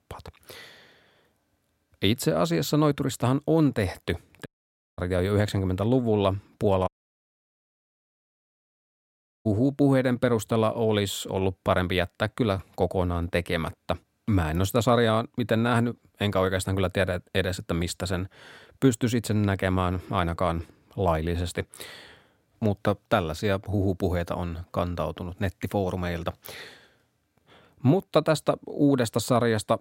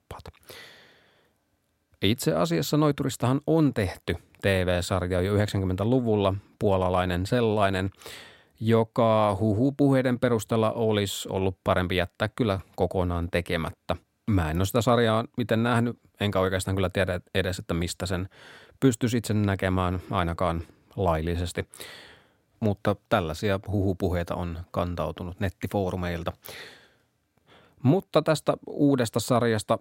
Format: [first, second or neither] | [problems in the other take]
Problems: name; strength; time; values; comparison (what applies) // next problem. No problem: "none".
second | audio cutting out; at 4.5 s for 0.5 s and at 7 s for 2.5 s